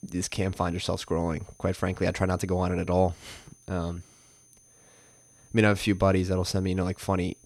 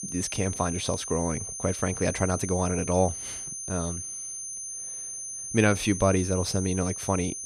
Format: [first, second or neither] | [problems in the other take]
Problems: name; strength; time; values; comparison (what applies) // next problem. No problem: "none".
first | high-pitched whine; loud; throughout; 6 kHz, 6 dB below the speech; faint in the first